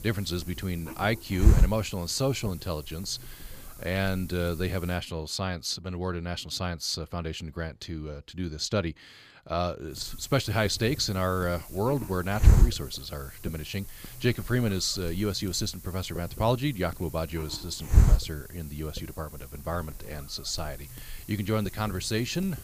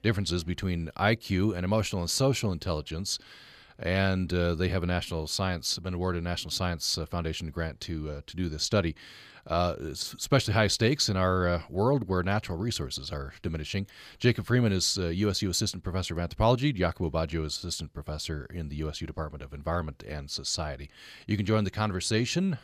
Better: second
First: hiss; very loud; until 5 s and from 10 s on; 3 dB above the speech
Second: none

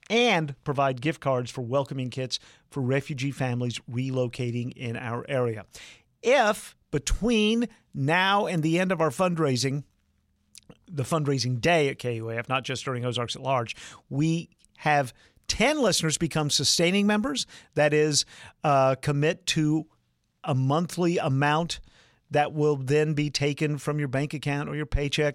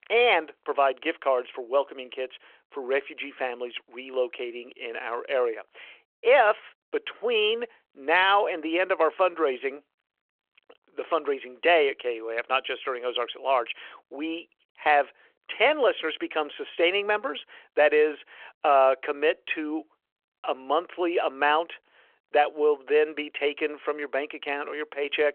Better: first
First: none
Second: phone-call audio

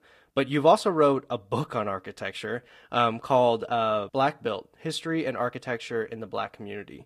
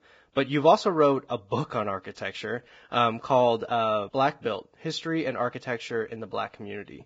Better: first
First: garbled, watery; slightly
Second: garbled, watery; badly; nothing above 7.5 kHz

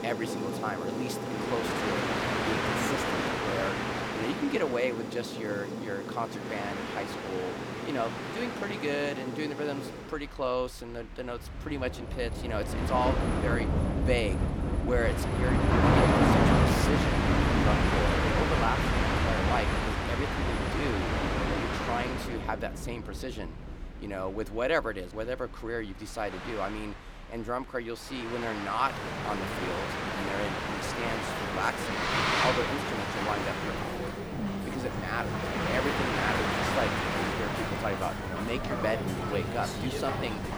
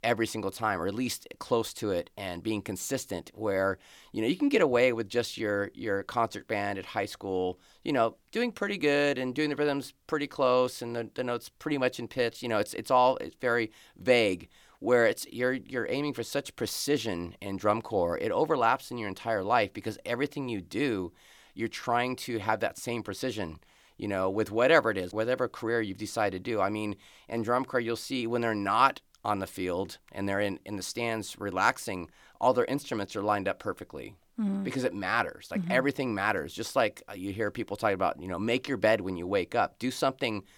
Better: second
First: train or aircraft noise; very loud; throughout; 4 dB above the speech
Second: none

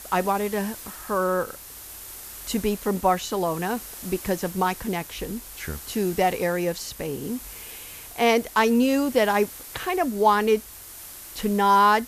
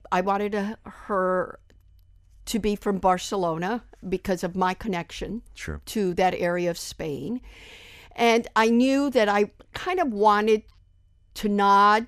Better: second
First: hiss; noticeable; throughout; 15 dB below the speech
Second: none

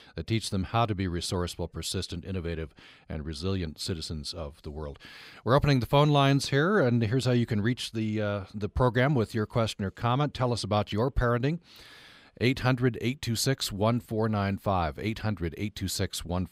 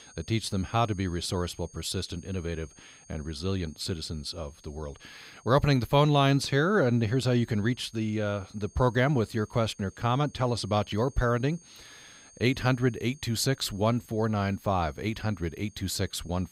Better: first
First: none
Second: high-pitched whine; faint; throughout; 6.5 kHz, 25 dB below the speech

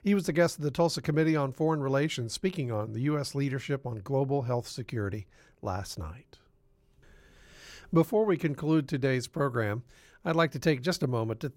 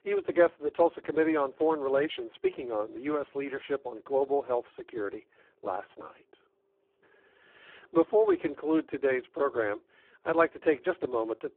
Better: first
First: none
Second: phone-call audio; poor line

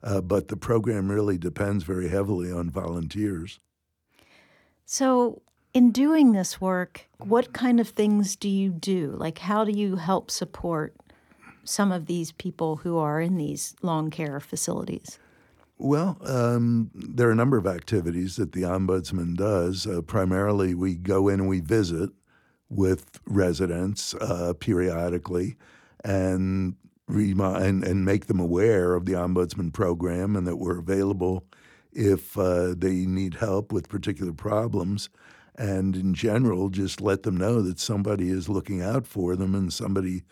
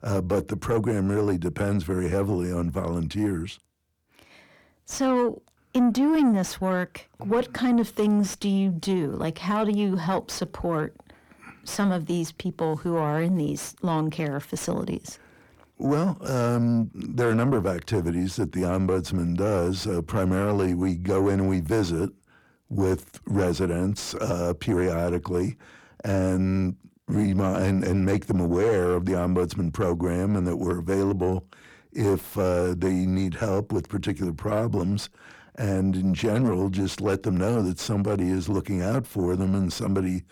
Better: first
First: none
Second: distortion; slight; 10 dB below the speech

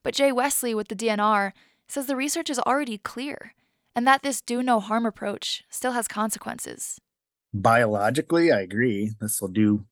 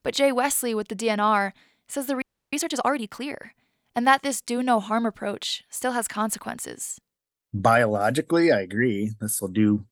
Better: first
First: none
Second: audio freezing; at 2 s

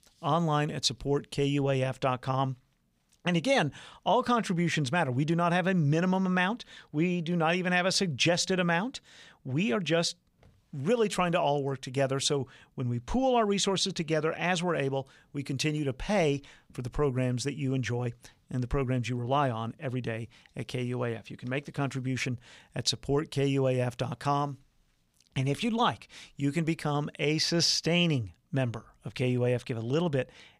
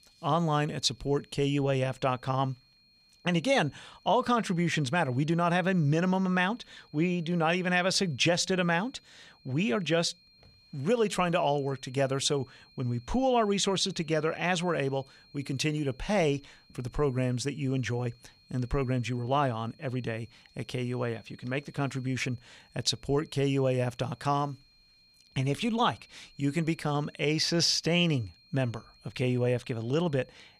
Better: first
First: none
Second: high-pitched whine; faint; throughout; 4 kHz, 30 dB below the speech

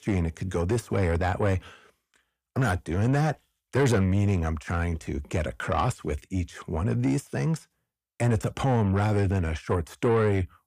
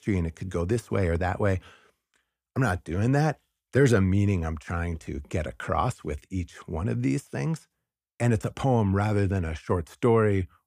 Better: second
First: distortion; slight; 10 dB below the speech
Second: none

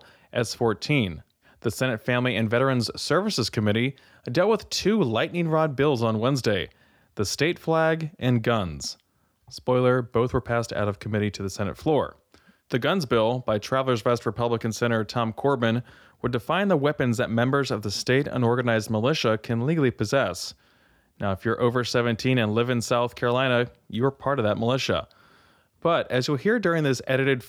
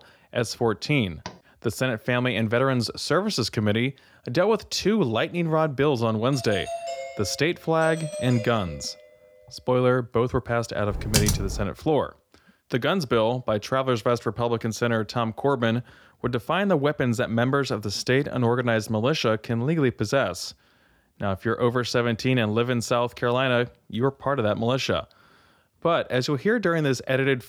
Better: first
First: none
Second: door banging; faint; at 1.5 s; peak 15 dB below the speech // doorbell; noticeable; from 6.5 to 9 s; peak 8 dB below the speech // keyboard typing; loud; at 11 s; peak 2 dB above the speech

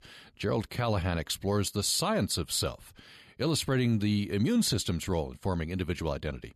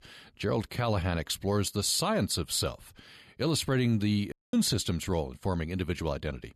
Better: first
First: none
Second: audio cutting out; at 4.5 s

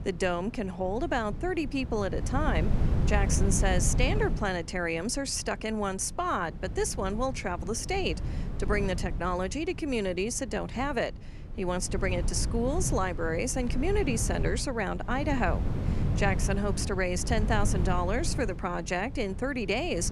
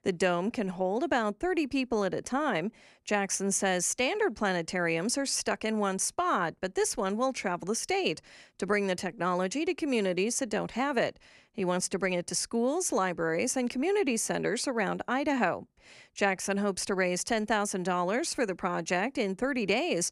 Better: second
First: wind noise on the microphone; occasional gusts; 15 dB below the speech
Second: none

